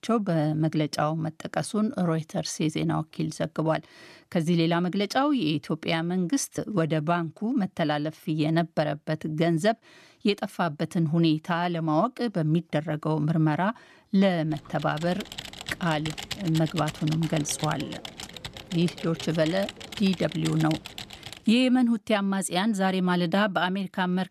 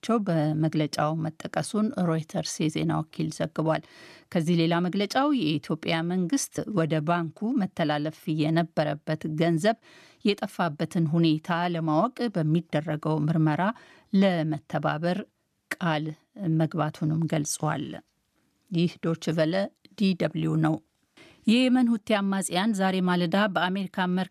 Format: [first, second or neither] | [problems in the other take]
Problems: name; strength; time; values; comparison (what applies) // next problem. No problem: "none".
second | keyboard typing; noticeable; from 15 to 21 s; peak 8 dB below the speech